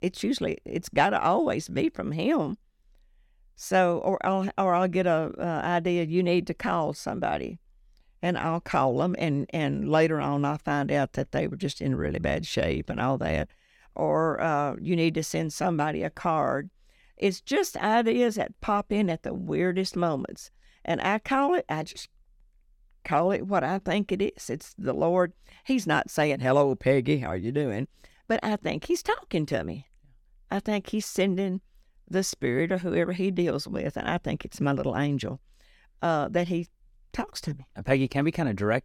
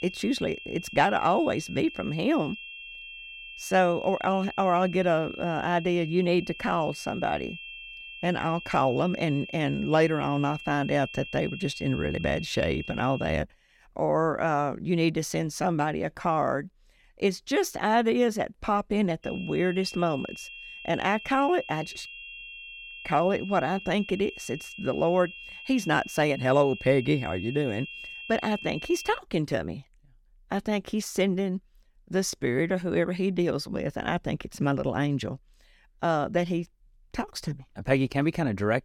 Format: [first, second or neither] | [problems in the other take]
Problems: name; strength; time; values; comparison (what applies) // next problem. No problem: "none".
first | high-pitched whine; noticeable; until 13 s and from 19 to 29 s; 2.5 kHz, 15 dB below the speech